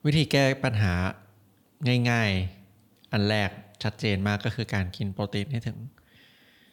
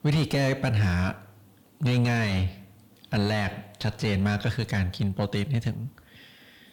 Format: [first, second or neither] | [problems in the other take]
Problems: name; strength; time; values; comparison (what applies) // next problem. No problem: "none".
first | distortion; heavy; 7 dB below the speech